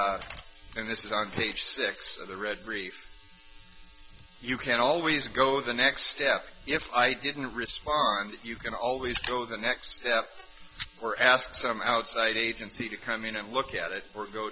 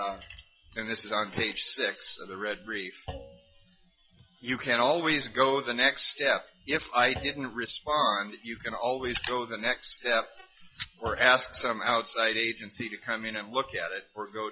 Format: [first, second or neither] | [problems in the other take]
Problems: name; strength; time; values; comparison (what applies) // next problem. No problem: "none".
first | noise reduction (classical method log-MMSE)